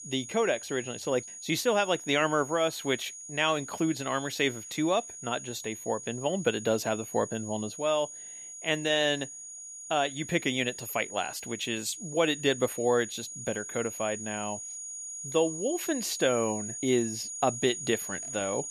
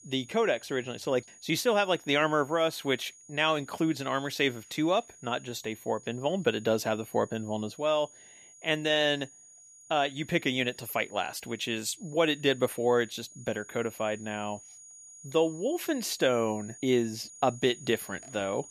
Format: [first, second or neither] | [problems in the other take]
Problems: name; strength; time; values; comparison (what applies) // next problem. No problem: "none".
second | high-pitched whine; loud; throughout; 6.5 kHz, 9 dB below the speech; faint in the second